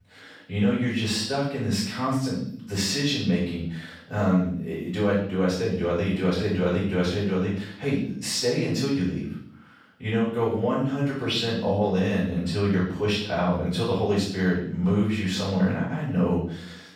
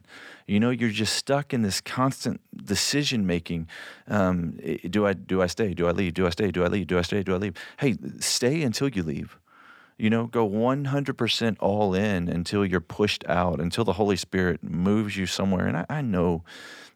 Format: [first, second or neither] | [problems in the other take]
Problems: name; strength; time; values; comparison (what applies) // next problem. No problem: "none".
second | off-mic speech; far // room echo; noticeable; dies away in 0.6 s